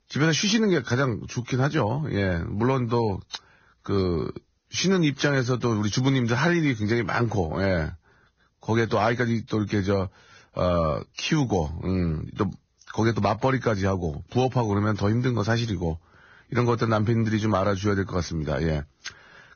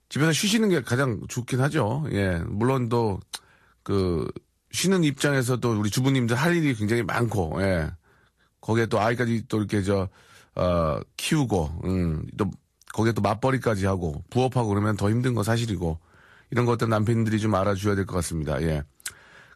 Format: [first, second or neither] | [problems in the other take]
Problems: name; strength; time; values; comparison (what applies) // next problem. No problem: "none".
second | garbled, watery; badly; nothing above 6.5 kHz; slightly in the second